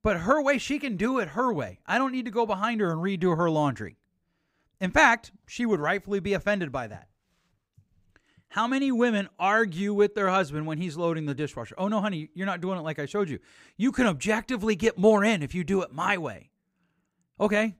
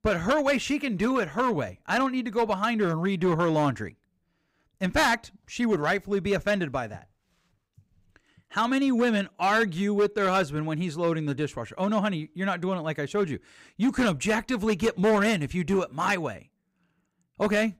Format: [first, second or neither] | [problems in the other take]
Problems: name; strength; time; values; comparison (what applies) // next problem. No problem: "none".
first | distortion; slight; 5% of the sound clipped